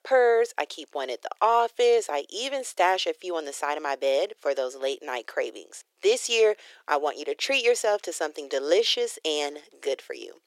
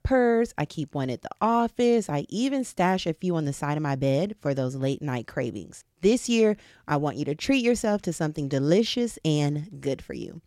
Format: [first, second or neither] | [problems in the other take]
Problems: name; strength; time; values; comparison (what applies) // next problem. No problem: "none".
second | thin; very; fading below 400 Hz